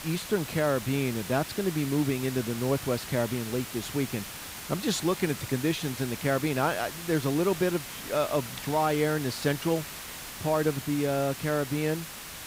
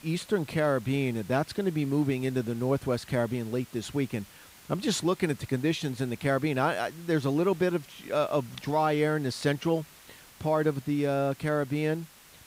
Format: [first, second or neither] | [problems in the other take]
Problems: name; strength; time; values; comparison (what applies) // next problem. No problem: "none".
second | hiss; loud; throughout; 9 dB below the speech; faint in the second